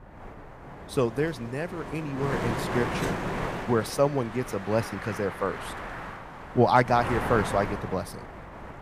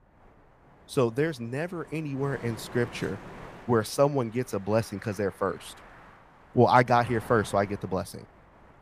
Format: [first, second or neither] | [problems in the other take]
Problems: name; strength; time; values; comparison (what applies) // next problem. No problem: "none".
second | wind noise on the microphone; heavy; 7 dB below the speech; occasional gusts in the second